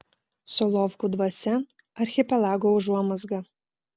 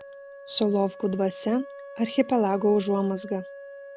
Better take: first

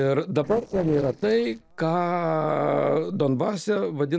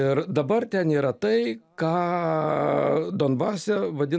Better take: second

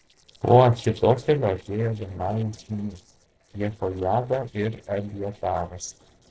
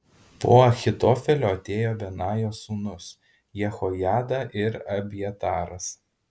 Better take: second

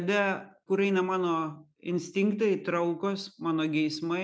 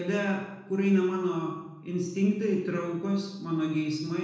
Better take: first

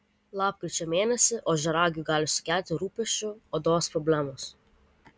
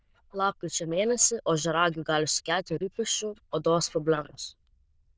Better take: first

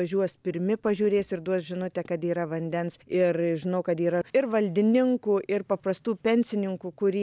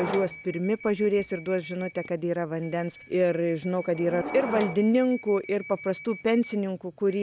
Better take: first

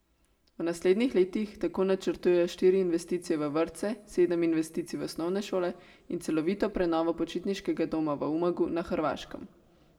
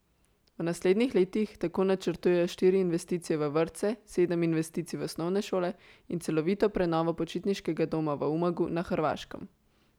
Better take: second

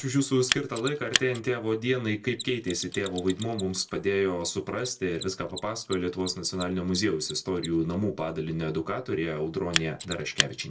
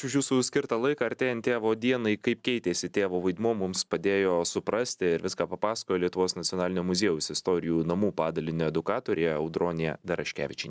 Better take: second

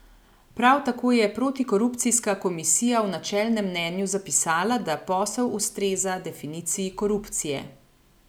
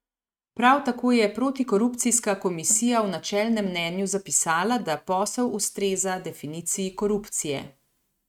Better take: first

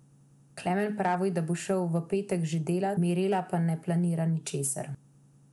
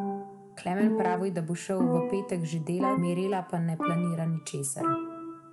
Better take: first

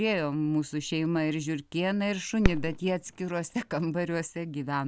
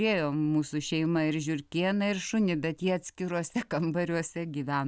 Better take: second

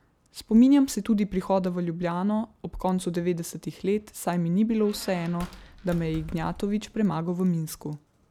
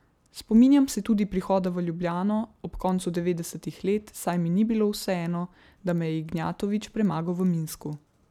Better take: second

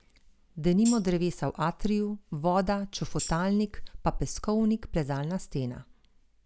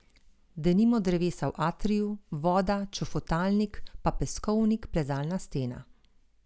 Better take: second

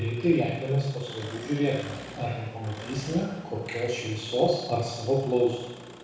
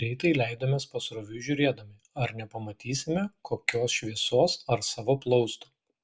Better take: second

